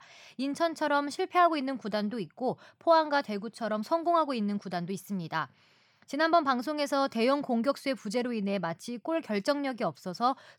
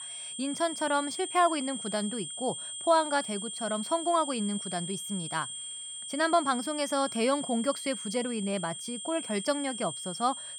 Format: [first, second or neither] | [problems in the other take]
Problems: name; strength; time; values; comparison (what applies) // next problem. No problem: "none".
first | high-pitched whine; loud; throughout; 3 kHz, 6 dB below the speech